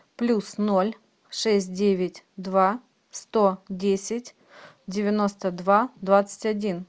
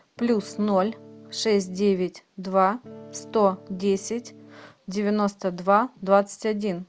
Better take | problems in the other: first | background sound (Electric guitar / Strum); 20 dB below the speech

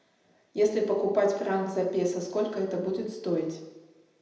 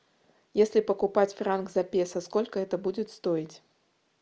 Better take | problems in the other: second | room echo; dies away in 0.8 s

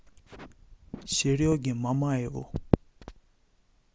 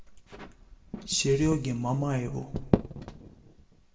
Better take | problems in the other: first | room echo; dies away in 1.1 s

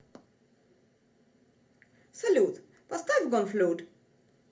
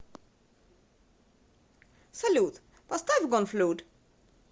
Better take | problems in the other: second | room echo; dies away in 0.3 s

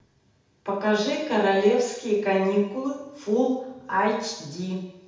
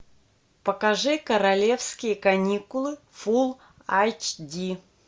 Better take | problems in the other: second | room echo; dies away in 0.8 s

